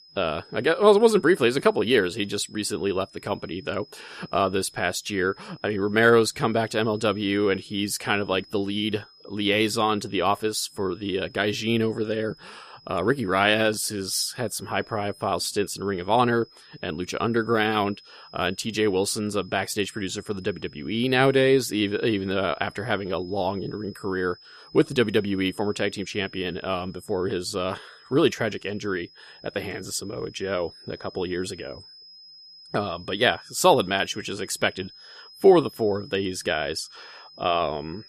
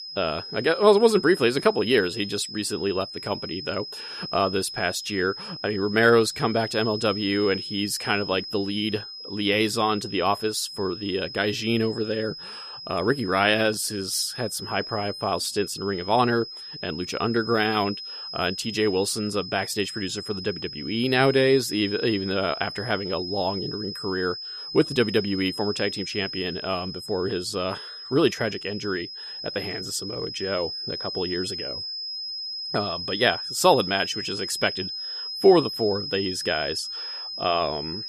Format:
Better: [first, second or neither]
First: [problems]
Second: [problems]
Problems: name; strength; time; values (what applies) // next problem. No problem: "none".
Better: first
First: high-pitched whine; faint; throughout; 5 kHz, 25 dB below the speech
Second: high-pitched whine; loud; throughout; 5 kHz, 8 dB below the speech